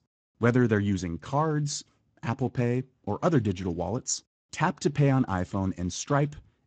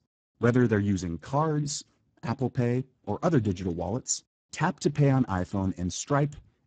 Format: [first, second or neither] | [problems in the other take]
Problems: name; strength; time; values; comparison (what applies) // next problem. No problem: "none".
first | garbled, watery; badly; nothing above 7.5 kHz; slightly in the first